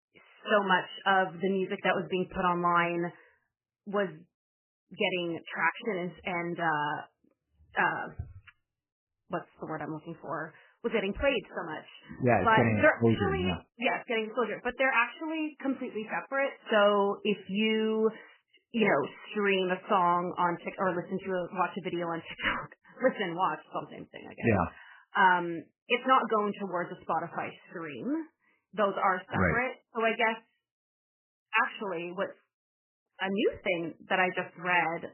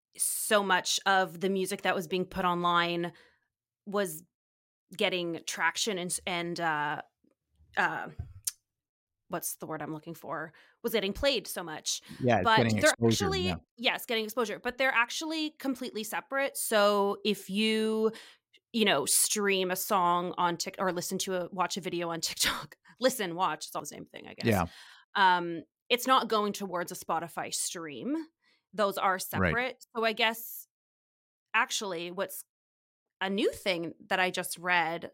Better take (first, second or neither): second